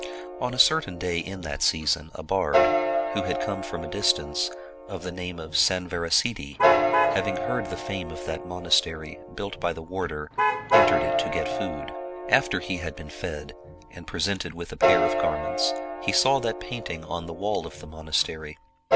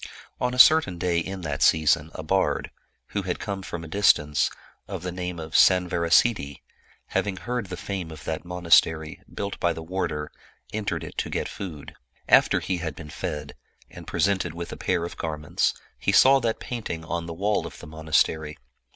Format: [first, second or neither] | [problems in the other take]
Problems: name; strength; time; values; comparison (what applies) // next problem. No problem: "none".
second | background sound (Piano + Alarm / Truck); 1 dB above the speech